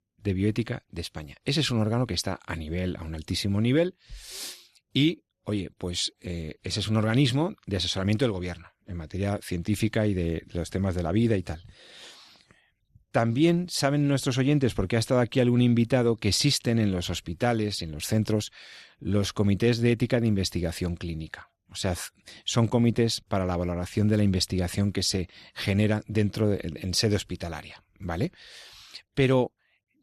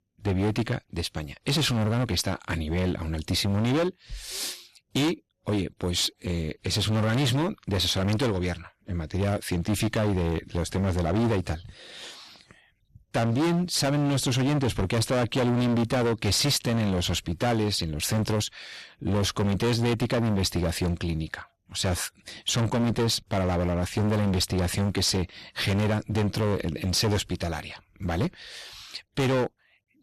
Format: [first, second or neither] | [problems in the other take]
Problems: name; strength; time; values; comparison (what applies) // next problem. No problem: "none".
first | distortion; heavy; 19% of the sound clipped